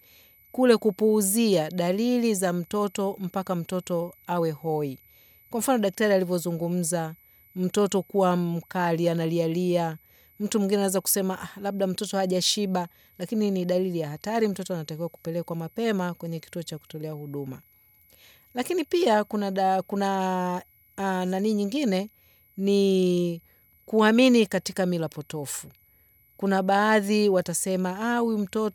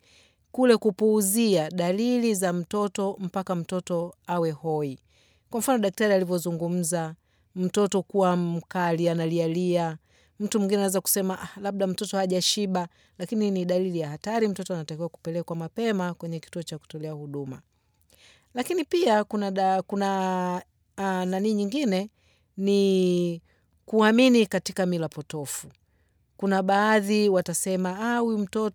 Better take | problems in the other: second | high-pitched whine; faint; throughout; 12 kHz, 30 dB below the speech

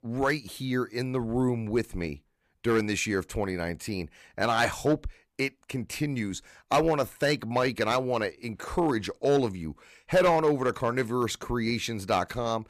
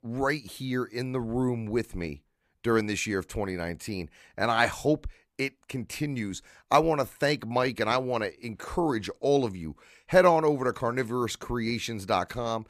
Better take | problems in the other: second | distortion; slight; 2% of the sound clipped

